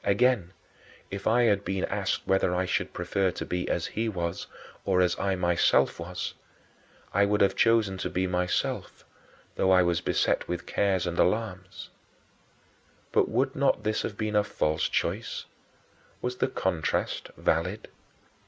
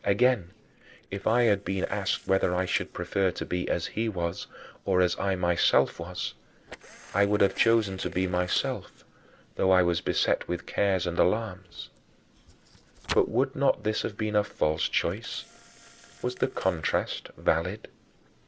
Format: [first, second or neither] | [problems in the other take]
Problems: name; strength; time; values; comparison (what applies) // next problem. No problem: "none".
first | noise reduction (neural separator model SepFormer DNS4)